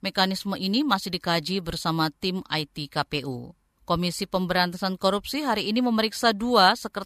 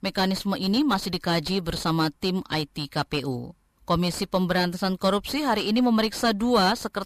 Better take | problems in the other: first | distortion; heavy; 7 dB below the speech

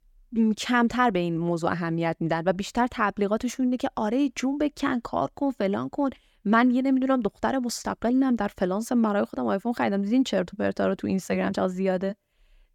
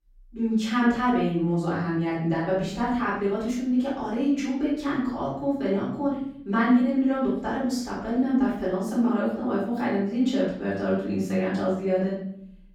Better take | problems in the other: first | off-mic speech; far // room echo; noticeable; dies away in 0.8 s

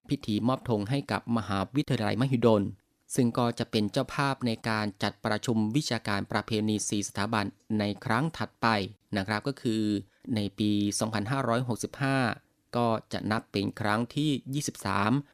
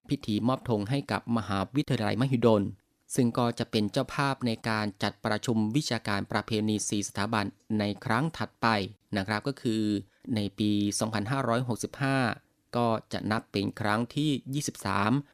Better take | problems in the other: neither | none

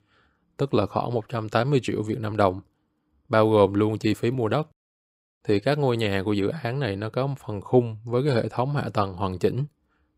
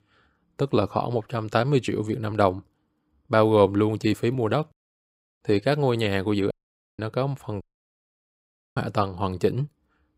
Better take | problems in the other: first | audio cutting out; at 6.5 s and at 7.5 s for 1 s

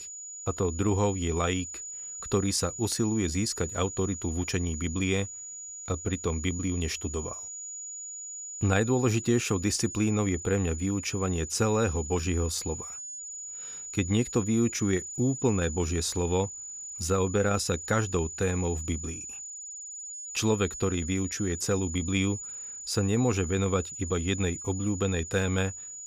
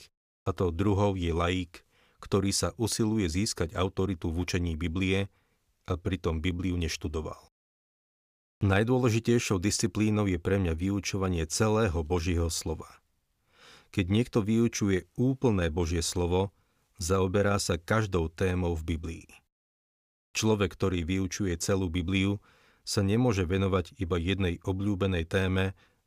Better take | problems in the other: second | high-pitched whine; loud; throughout; 7 kHz, 8 dB below the speech

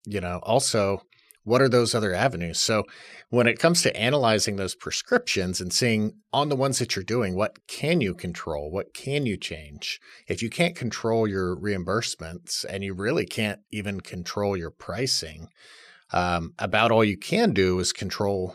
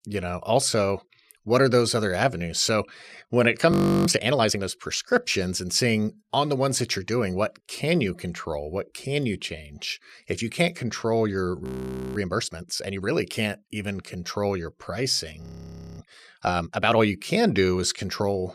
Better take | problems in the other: first | audio freezing; at 3.5 s, at 12 s for 0.5 s and at 15 s for 0.5 s

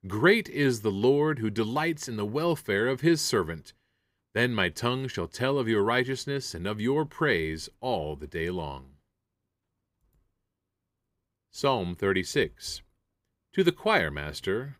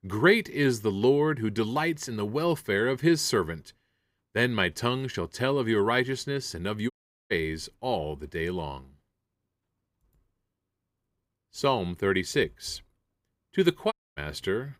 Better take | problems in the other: first | audio cutting out; at 7 s and at 14 s

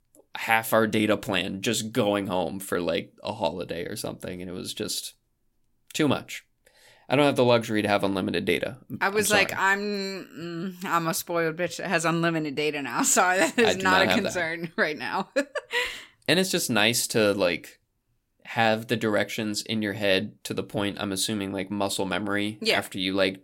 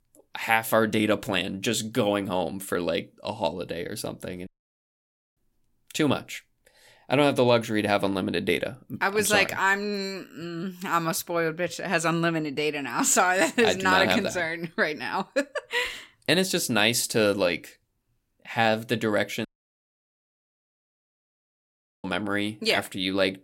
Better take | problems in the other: first | audio cutting out; at 4.5 s for 1 s and at 19 s for 2.5 s

